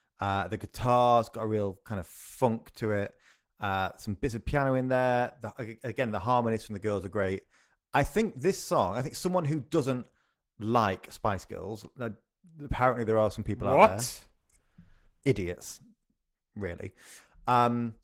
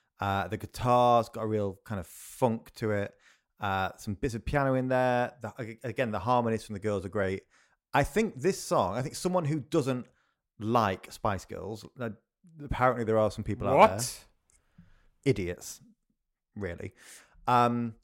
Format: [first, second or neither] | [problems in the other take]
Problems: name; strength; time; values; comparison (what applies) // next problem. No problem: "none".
second | garbled, watery; slightly; nothing above 16 kHz